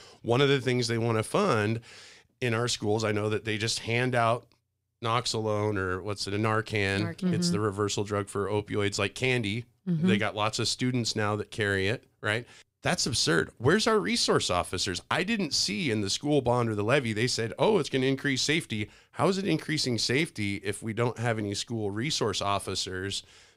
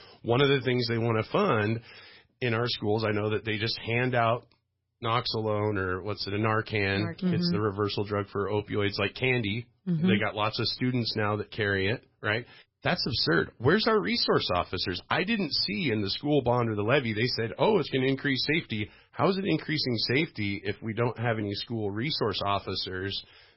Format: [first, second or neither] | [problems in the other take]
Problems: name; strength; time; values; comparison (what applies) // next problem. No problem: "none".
first | garbled, watery; badly; nothing above 5.5 kHz